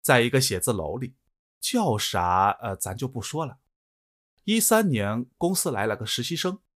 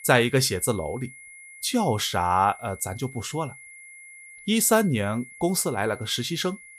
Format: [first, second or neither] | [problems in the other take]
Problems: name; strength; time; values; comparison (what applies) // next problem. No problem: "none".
first | high-pitched whine; noticeable; throughout; 2 kHz, 20 dB below the speech